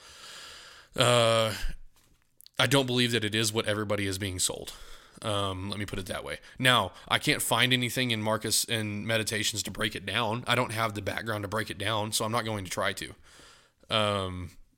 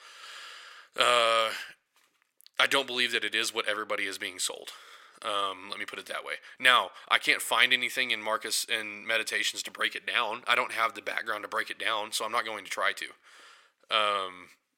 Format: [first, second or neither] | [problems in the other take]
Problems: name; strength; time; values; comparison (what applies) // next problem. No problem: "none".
first | thin; very; fading below 450 Hz